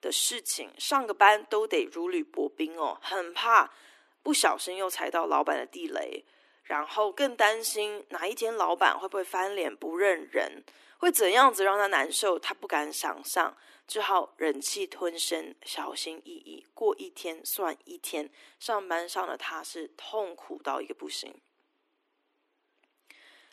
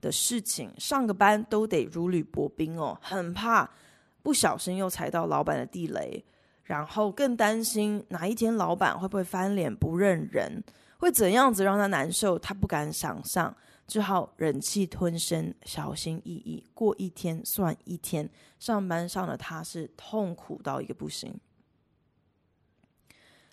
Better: second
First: thin; very; fading below 300 Hz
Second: none

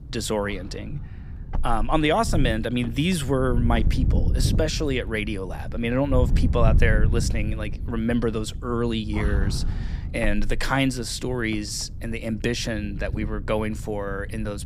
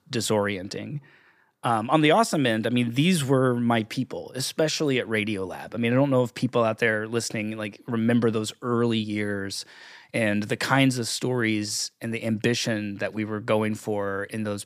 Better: second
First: wind noise on the microphone; occasional gusts; 15 dB below the speech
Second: none

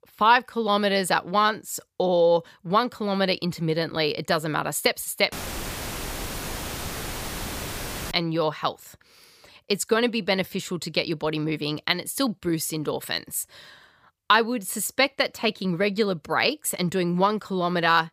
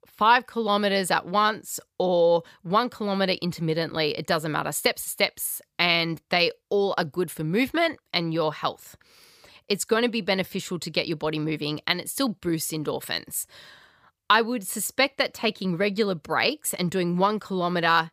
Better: second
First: audio cutting out; filled with static; at 5.5 s for 3 s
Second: none

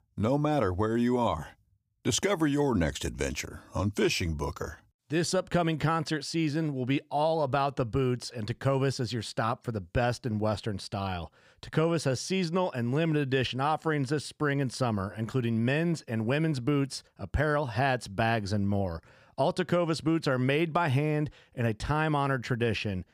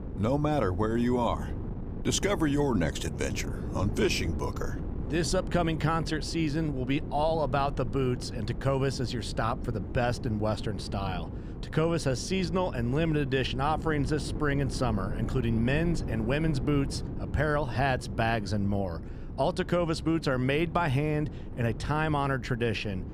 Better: first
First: none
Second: wind noise on the microphone; occasional gusts; 15 dB below the speech

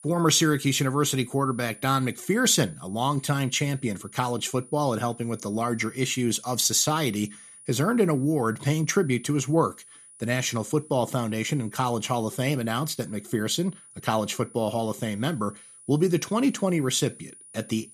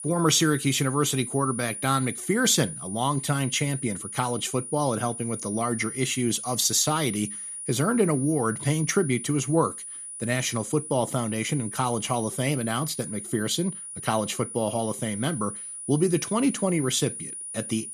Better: first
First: high-pitched whine; faint; throughout; 9.5 kHz, 20 dB below the speech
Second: high-pitched whine; loud; throughout; 9.5 kHz, 8 dB below the speech

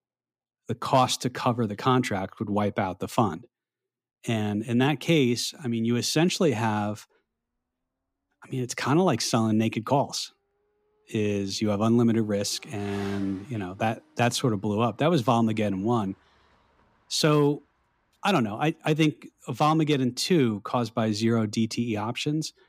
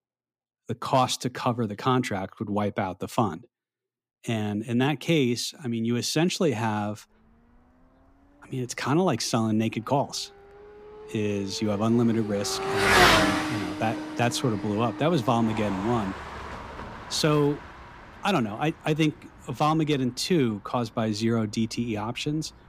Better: first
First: traffic noise; faint; from 7 s on; 25 dB below the speech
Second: traffic noise; loud; from 7 s on; as loud as the speech

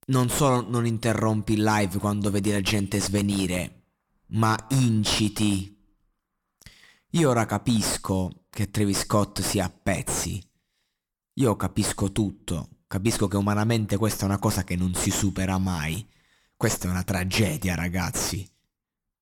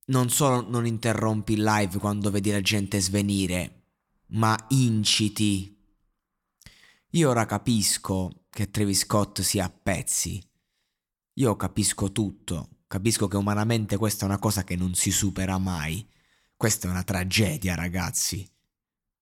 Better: second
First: distortion; slight; 5 dB below the speech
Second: none

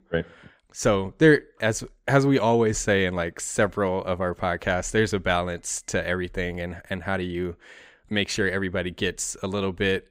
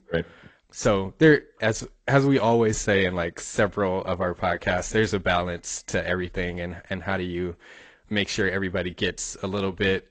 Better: first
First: none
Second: garbled, watery; slightly; nothing above 7.5 kHz

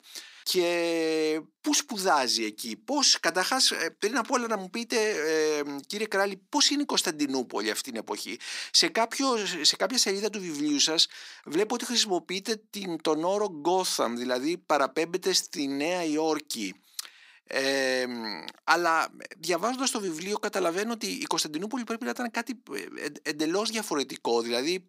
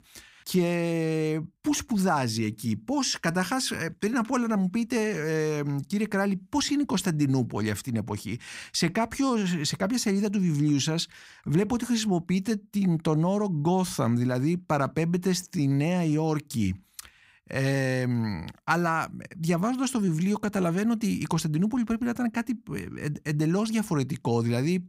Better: second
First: thin; somewhat; fading below 300 Hz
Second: none

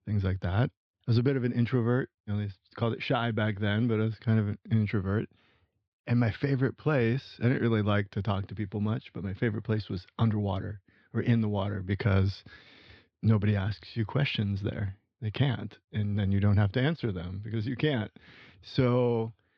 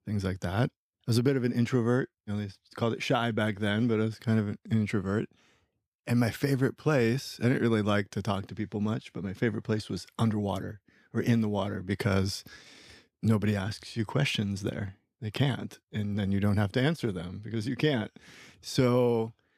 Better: second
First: muffled; very slightly; fading above 4 kHz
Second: none

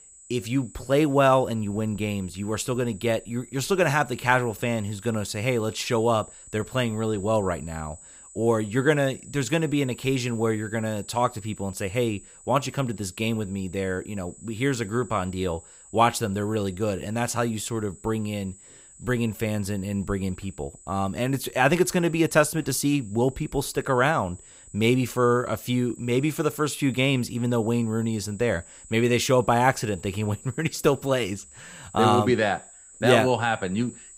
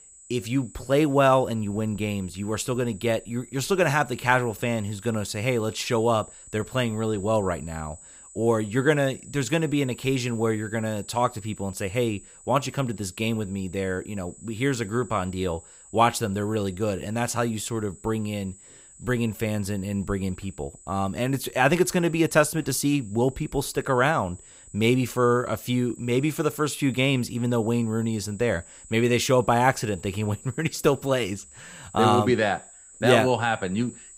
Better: neither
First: high-pitched whine; faint; throughout; 7.5 kHz, 20 dB below the speech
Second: high-pitched whine; faint; throughout; 7.5 kHz, 20 dB below the speech

